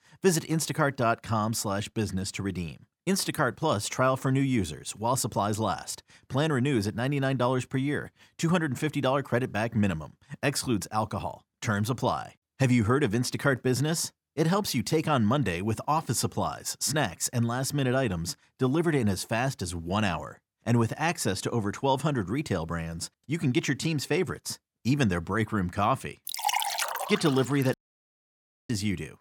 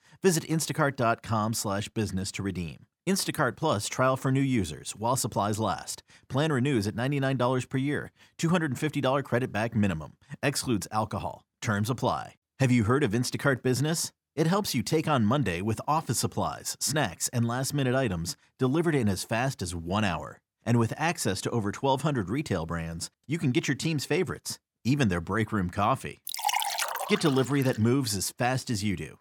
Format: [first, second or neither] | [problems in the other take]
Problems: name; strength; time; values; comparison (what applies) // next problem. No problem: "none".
second | audio cutting out; at 28 s for 1 s